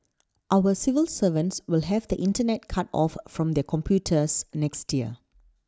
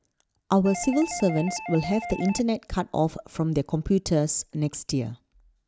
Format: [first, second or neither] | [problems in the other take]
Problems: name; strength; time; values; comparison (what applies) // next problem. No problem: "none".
first | background sound (Doorbell); 12 dB below the speech